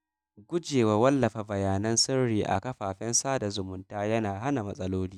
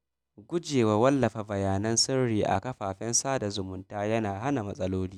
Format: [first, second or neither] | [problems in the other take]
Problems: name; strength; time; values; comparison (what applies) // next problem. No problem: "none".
second | noise reduction (neural mask model DeepFilterNet 3)